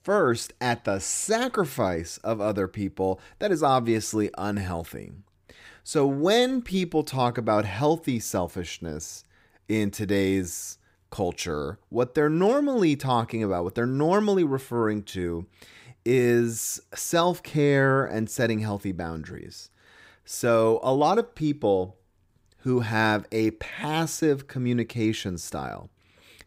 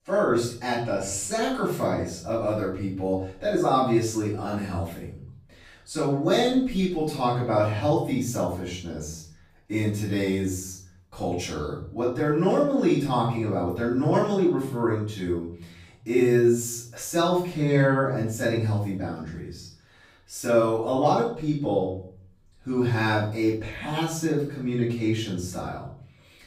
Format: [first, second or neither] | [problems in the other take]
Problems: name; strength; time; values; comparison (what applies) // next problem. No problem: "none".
first | off-mic speech; far // room echo; noticeable; dies away in 0.5 s